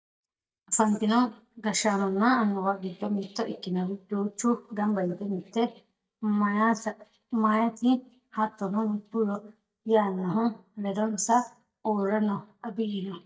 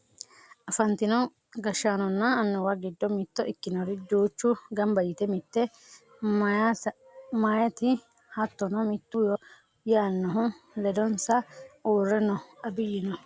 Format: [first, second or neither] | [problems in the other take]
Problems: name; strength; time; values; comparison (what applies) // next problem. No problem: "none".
second | noise reduction (neural mask model DeepFilterNet 3)